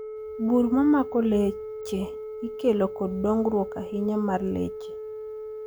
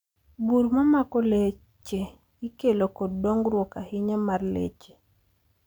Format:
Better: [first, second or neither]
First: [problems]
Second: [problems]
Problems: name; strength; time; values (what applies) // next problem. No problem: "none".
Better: second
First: background sound (Telephone); 10 dB below the speech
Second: none